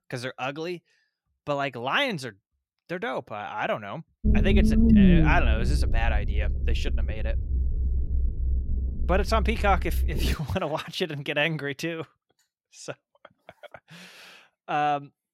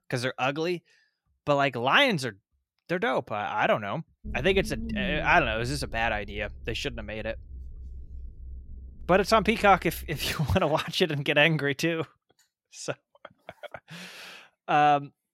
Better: second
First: low rumble; loud; from 4.5 to 10 s; 2 dB below the speech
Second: low rumble; faint; from 4.5 to 10 s; 20 dB below the speech

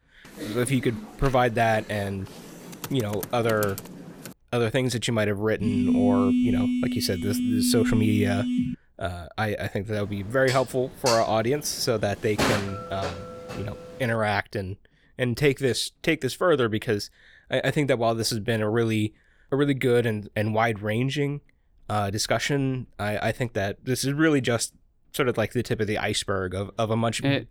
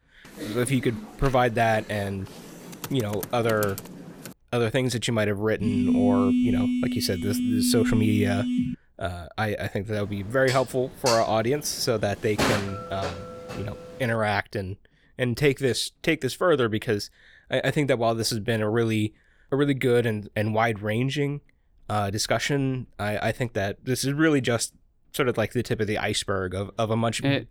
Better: neither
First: keyboard typing; noticeable; until 4.5 s; peak 9 dB below the speech // phone ringing; loud; from 5.5 to 9 s; peak 4 dB above the speech // clattering dishes; loud; from 10 to 14 s; peak 1 dB above the speech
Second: keyboard typing; noticeable; until 4.5 s; peak 9 dB below the speech // phone ringing; loud; from 5.5 to 9 s; peak 4 dB above the speech // clattering dishes; loud; from 10 to 14 s; peak 1 dB above the speech

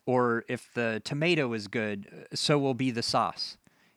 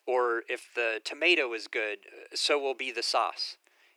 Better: first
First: none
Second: thin; very; fading below 350 Hz

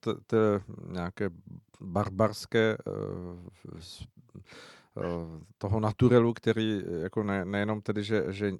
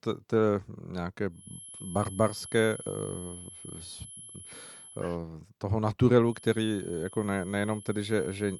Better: first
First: none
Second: high-pitched whine; noticeable; from 1.5 to 5 s and from 6.5 s on; 11 kHz, 15 dB below the speech

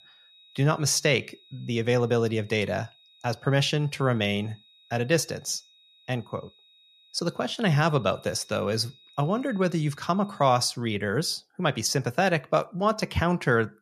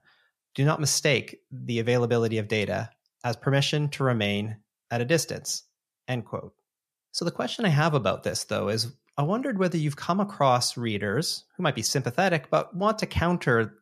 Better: second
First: high-pitched whine; faint; until 11 s; 4 kHz, 30 dB below the speech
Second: none

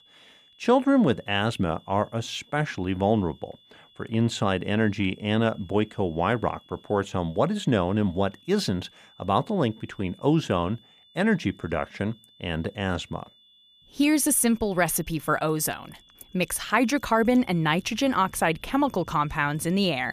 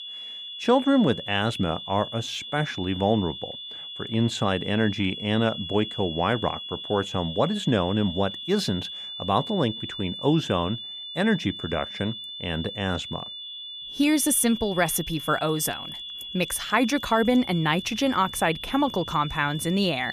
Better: first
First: high-pitched whine; faint; throughout; 3.5 kHz, 30 dB below the speech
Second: high-pitched whine; loud; throughout; 3.5 kHz, 9 dB below the speech

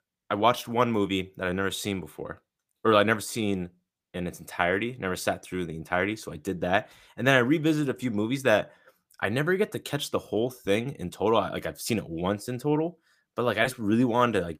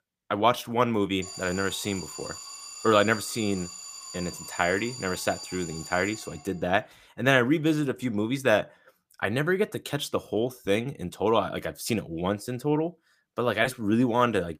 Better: first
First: none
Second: alarm; faint; from 1 to 6.5 s; peak 10 dB below the speech

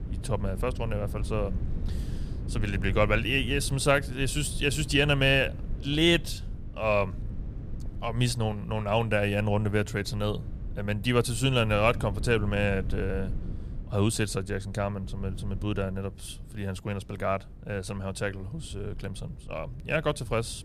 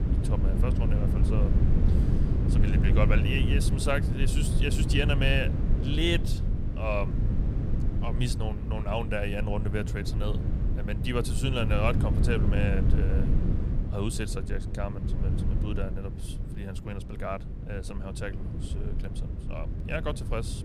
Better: first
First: wind noise on the microphone; occasional gusts; 20 dB below the speech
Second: wind noise on the microphone; heavy; 7 dB below the speech

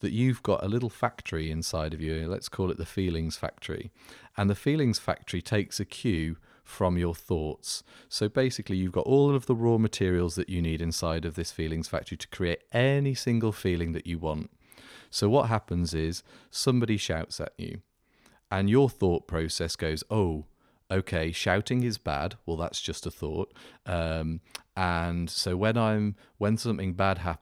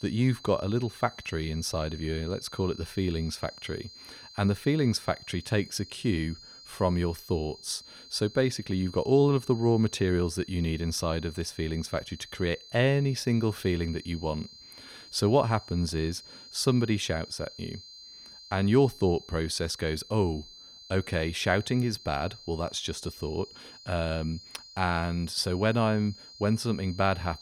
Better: first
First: none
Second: high-pitched whine; noticeable; throughout; 4 kHz, 15 dB below the speech

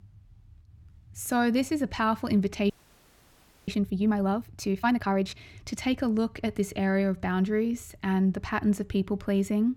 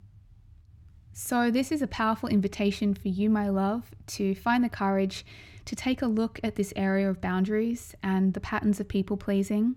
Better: second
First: audio freezing; at 2.5 s for 1 s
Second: none

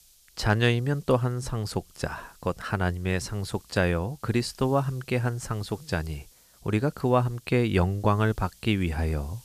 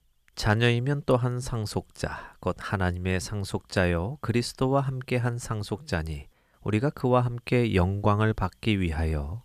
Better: second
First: hiss; faint; throughout; 25 dB below the speech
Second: none

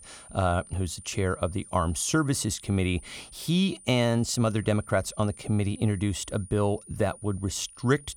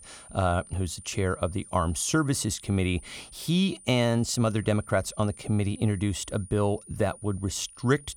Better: neither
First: high-pitched whine; noticeable; throughout; 9.5 kHz, 20 dB below the speech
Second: high-pitched whine; noticeable; throughout; 9.5 kHz, 20 dB below the speech

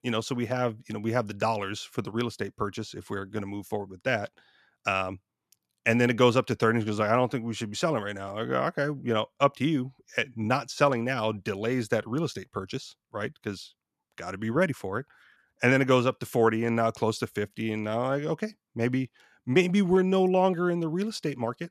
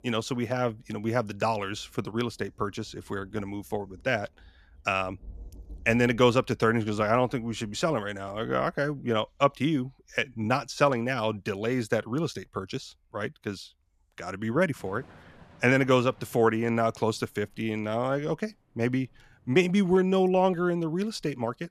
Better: first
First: none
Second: rain or running water; faint; throughout; 30 dB below the speech

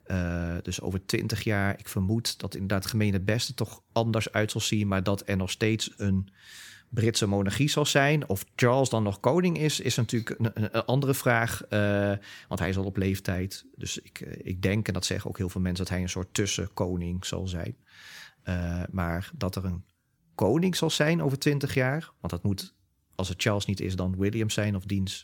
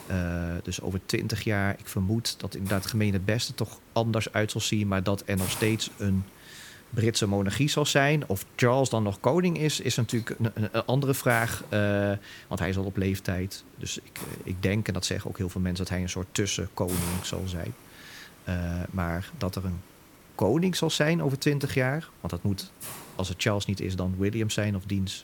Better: first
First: none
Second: hiss; noticeable; throughout; 15 dB below the speech

